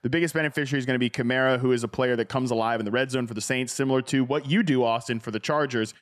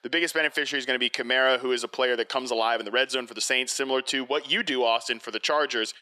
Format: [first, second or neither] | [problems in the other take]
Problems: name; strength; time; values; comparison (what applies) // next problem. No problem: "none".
first | thin; somewhat; fading below 400 Hz